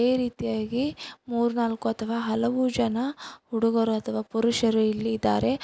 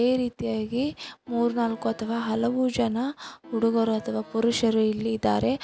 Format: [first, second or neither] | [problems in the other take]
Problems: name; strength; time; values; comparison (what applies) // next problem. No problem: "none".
first | background sound (Accordion); 18 dB below the speech